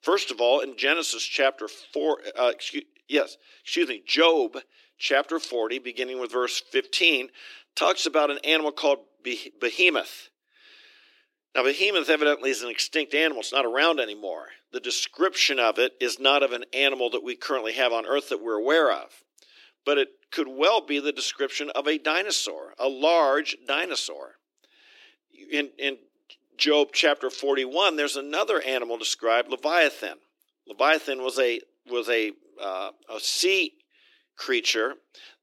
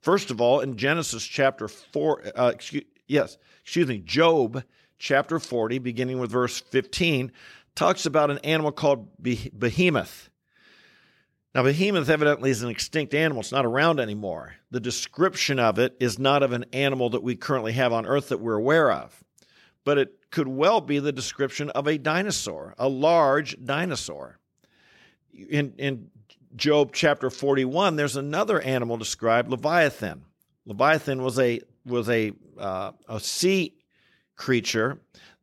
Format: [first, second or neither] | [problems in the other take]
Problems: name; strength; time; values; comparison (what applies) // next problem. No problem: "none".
second | thin; somewhat; fading below 300 Hz